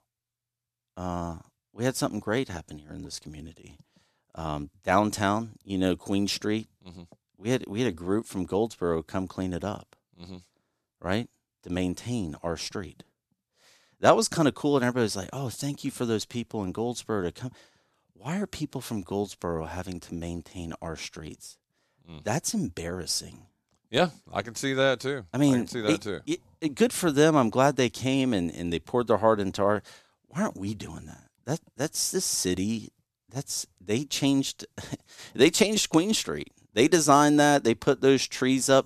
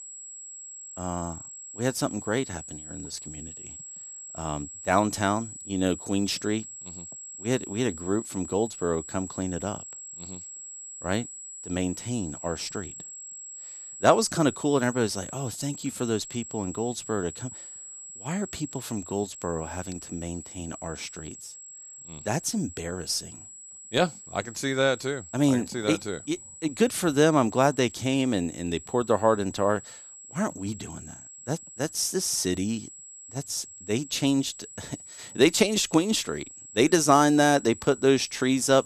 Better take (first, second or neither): first